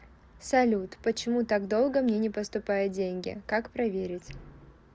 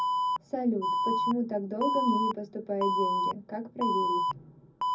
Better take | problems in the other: first | background sound (Alarm); 2 dB above the speech // room echo; dies away in 0.4 s

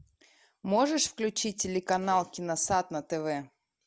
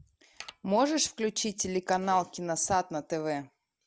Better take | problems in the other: first | background sound (Mechanisms); 17 dB below the speech

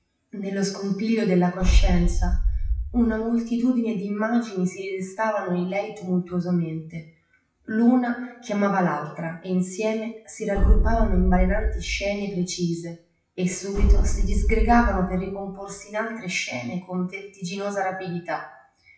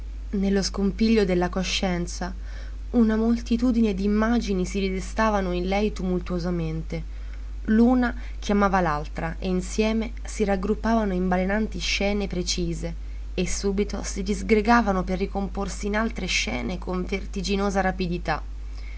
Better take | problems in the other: second | noise reduction (classical method WPE with log-MMSE)

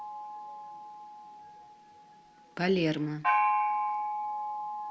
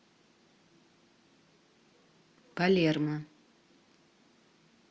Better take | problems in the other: second | background sound (Gong); 3 dB above the speech

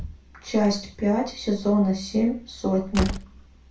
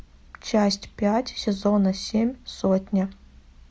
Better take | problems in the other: second | background sound (Slam); 12 dB below the speech // room echo; dies away in 0.3 s

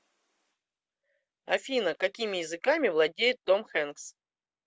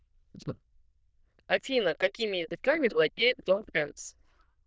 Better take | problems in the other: first | noise reduction (neural diffusion model UNIVERSE++)

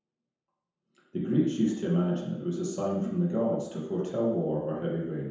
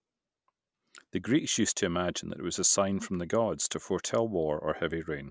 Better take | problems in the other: second | room echo; dies away in 0.9 s

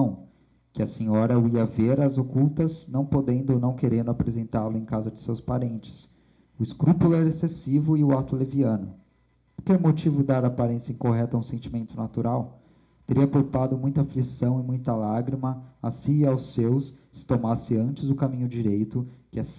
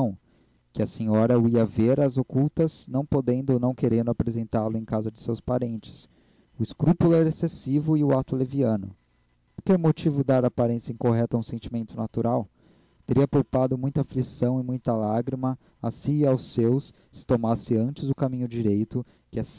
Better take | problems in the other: second | room echo; dies away in 0.4 s

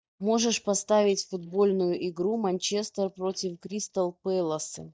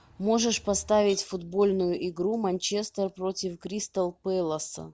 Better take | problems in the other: second | noise reduction (neural mask model DeepFilterNet 3)

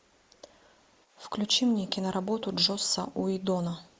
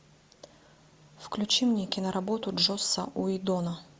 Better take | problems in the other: second | noise reduction (neural mask model Resemble Enhance denoiser)

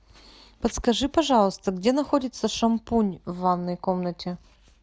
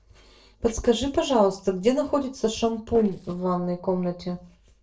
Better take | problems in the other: first | noise reduction (neural separator model SepFormer DNS4)

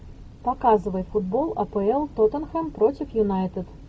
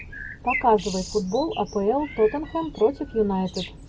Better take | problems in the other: first | background sound (Bird); 14 dB below the speech

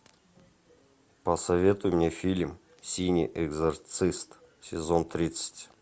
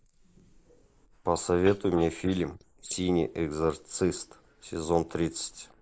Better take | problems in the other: first | noise reduction (neural mask model Resemble Enhance denoiser)

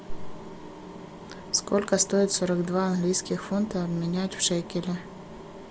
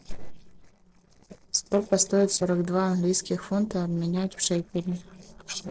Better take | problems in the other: first | noise reduction (neural separator model SepFormer DNS4)

